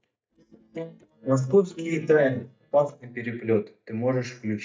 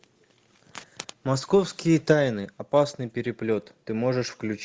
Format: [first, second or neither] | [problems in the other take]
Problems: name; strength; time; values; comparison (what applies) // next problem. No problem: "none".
second | noise reduction (neural mask model DeepFilterNet 3)